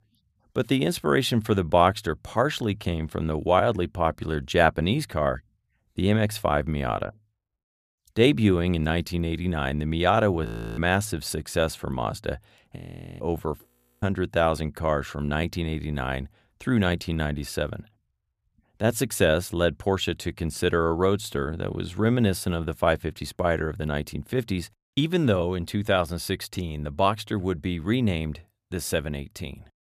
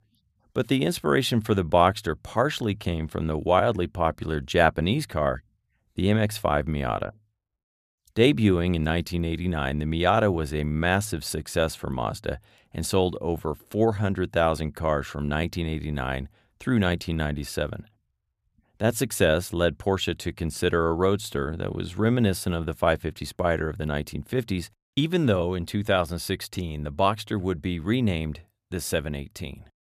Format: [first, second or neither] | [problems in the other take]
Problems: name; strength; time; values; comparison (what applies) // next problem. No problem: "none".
second | audio freezing; at 10 s, at 13 s and at 14 s